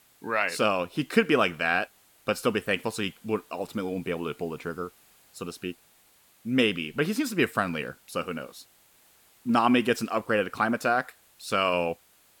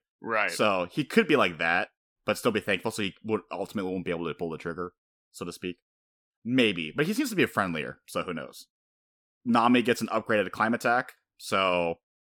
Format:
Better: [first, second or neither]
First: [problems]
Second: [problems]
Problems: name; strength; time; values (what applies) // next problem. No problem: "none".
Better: second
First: hiss; faint; throughout; 30 dB below the speech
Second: none